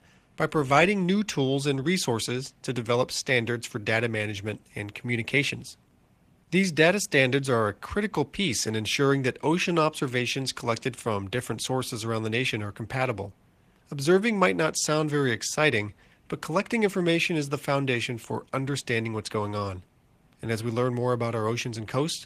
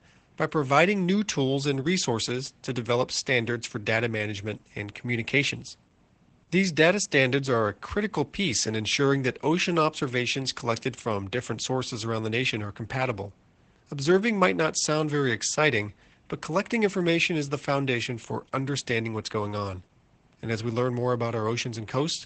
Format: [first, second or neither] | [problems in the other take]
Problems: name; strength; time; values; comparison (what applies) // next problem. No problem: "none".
first | garbled, watery; badly; nothing above 8 kHz; slightly in the first